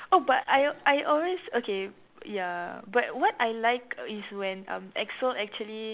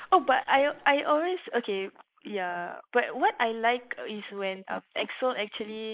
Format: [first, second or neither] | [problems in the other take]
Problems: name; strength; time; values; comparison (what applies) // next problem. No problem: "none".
first | noise reduction (neural mask model Resemble Enhance denoiser)